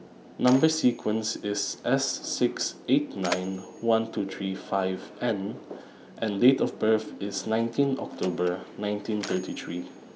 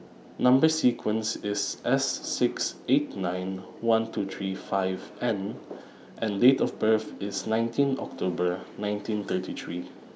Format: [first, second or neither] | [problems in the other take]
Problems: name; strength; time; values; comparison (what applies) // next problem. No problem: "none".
second | background sound (Mechanisms); 18 dB below the speech